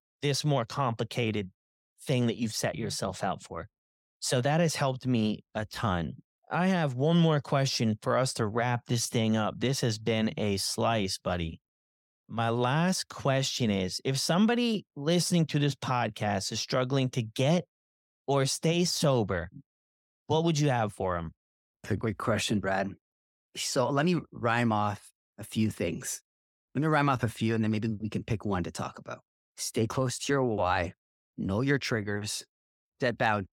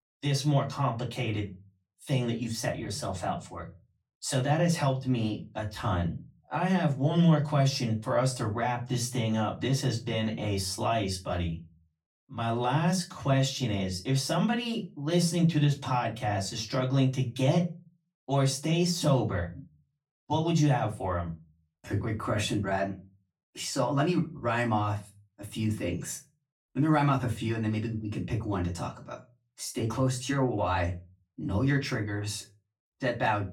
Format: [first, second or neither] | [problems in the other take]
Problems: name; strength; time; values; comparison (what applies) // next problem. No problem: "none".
first | off-mic speech; far // room echo; very slight; dies away in 0.2 s